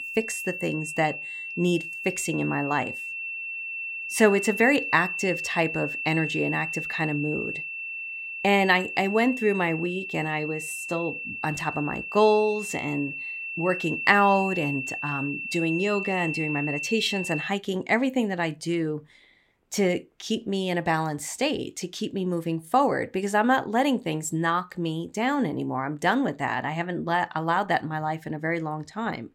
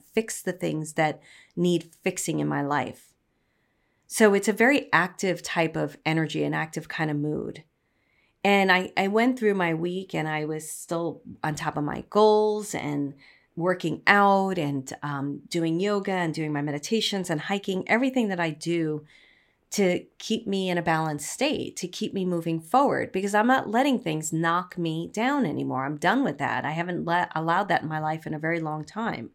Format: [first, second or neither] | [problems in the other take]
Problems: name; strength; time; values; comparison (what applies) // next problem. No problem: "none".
second | high-pitched whine; loud; until 17 s; 2.5 kHz, 5 dB below the speech